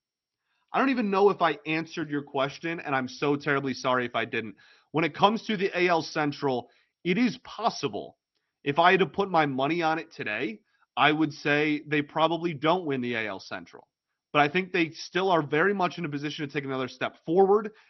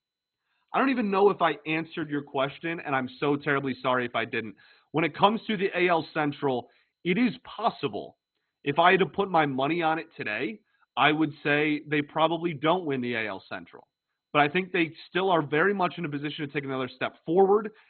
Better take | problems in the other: first | garbled, watery; badly; nothing above 4 kHz; slightly in the first

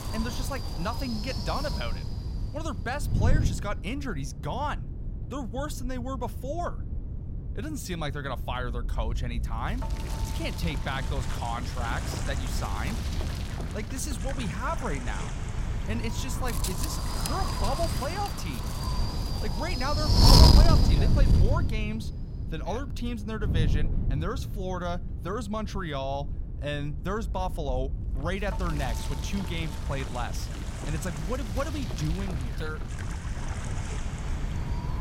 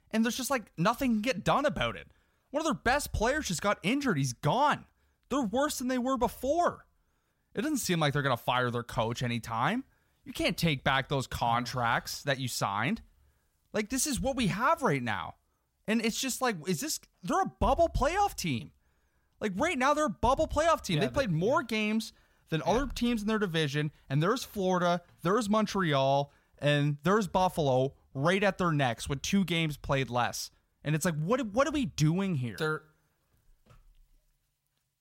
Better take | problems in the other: second | wind noise on the microphone; heavy; as loud as the speech

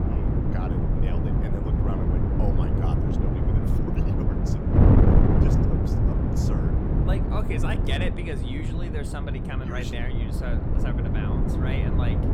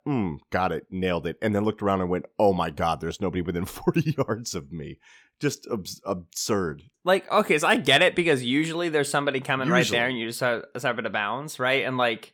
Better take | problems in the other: second | wind noise on the microphone; heavy; 4 dB above the speech

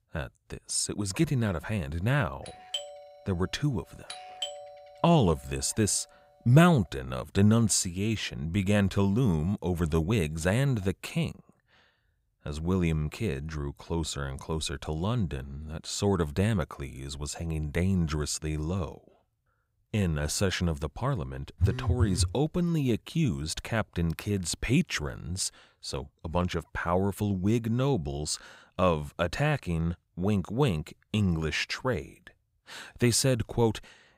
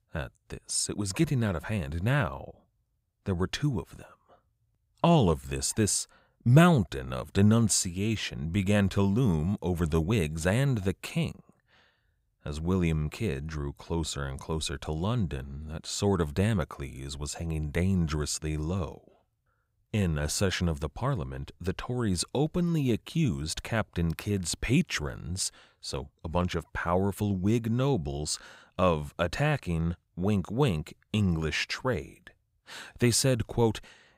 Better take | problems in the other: second | doorbell; noticeable; from 2.5 to 4.5 s; peak 7 dB below the speech // phone ringing; loud; at 22 s; peak 1 dB above the speech

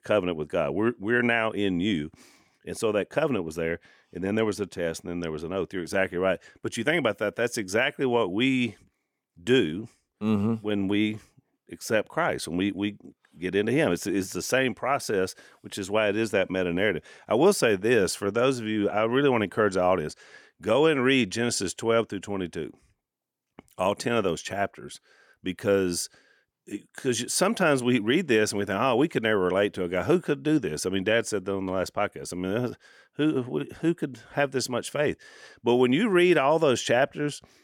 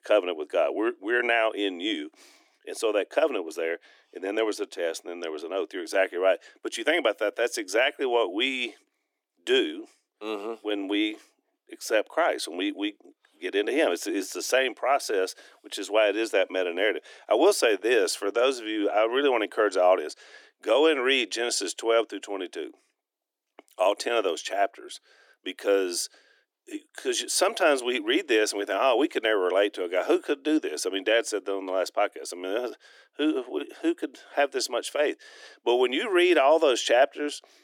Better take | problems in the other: first | thin; somewhat; fading below 300 Hz

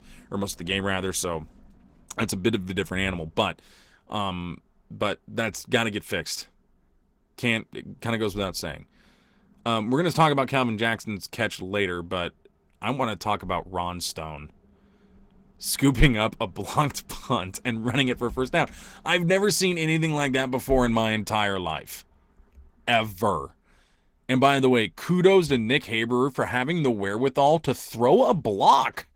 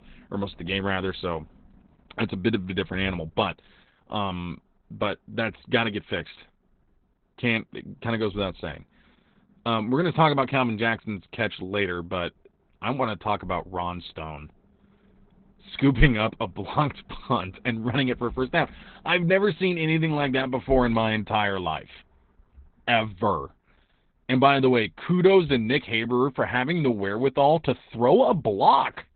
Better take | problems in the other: first | garbled, watery; badly; nothing above 4 kHz; slightly in the first

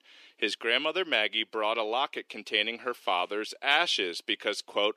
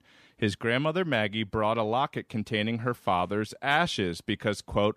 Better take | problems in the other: second | thin; somewhat; fading below 350 Hz

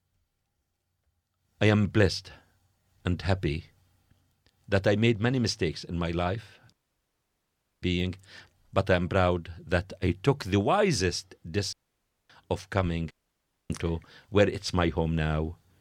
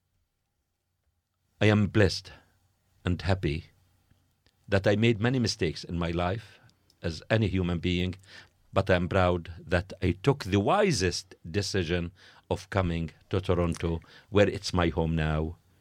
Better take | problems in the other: second | audio cutting out; at 6.5 s for 1 s, at 12 s for 0.5 s and at 13 s for 0.5 s

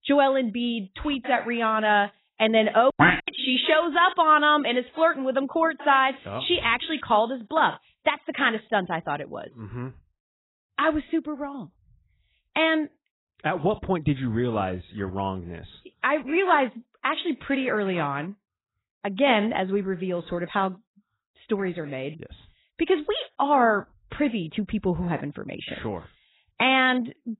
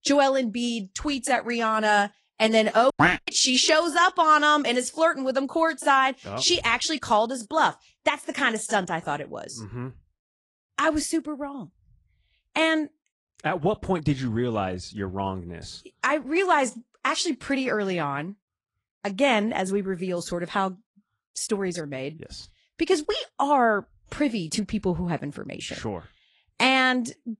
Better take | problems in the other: second | garbled, watery; badly; nothing above 4 kHz; slightly in the second

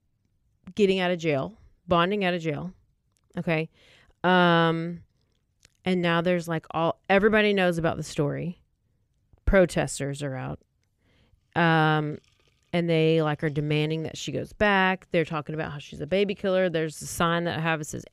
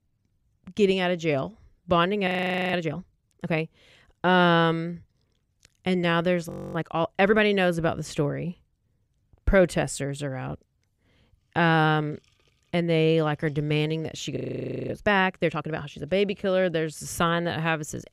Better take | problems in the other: first | audio freezing; at 2.5 s, at 6.5 s and at 14 s for 0.5 s

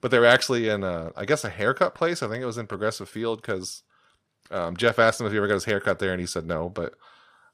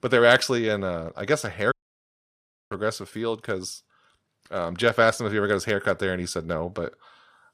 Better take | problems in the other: first | audio cutting out; at 1.5 s for 1 s

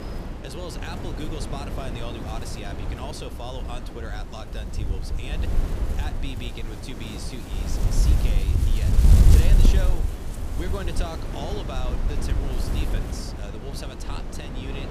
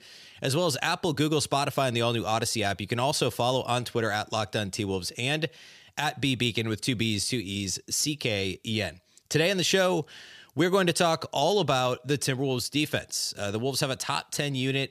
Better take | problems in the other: second | wind noise on the microphone; heavy; as loud as the speech

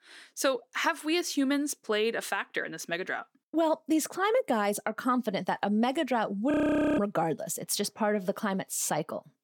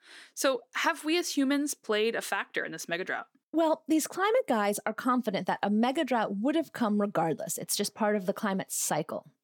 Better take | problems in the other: second | audio freezing; at 6.5 s

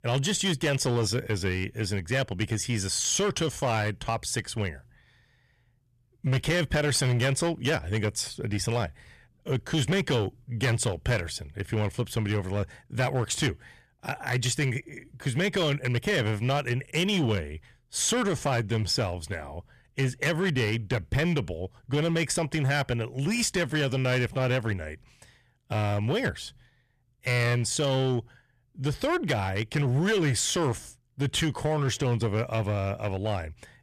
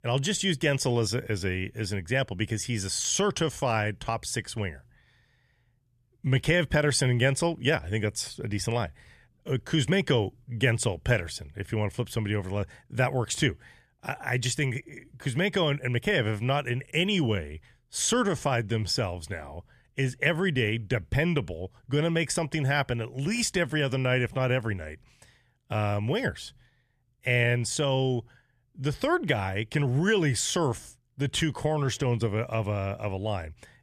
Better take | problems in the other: second | distortion; slight; 9% of the sound clipped

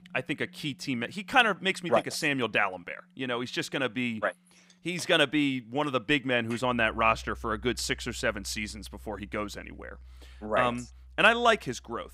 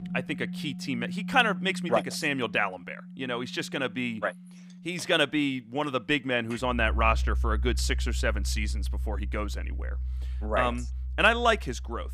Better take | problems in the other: first | background music; loud; throughout; 6 dB below the speech; faint in the first

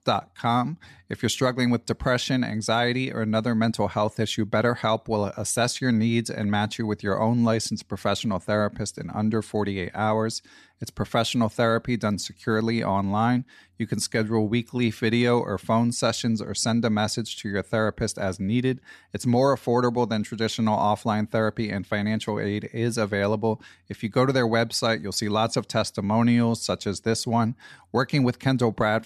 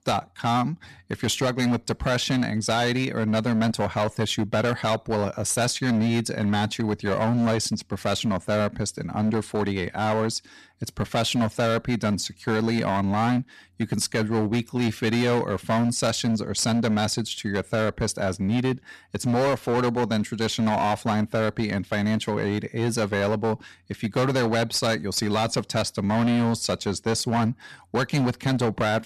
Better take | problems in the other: first | distortion; slight; 15% of the sound clipped

